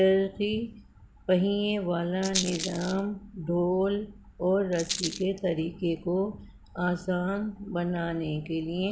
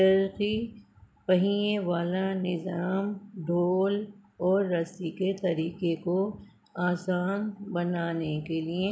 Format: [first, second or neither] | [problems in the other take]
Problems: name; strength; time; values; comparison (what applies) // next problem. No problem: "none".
second | background sound (Rattle); 13 dB below the speech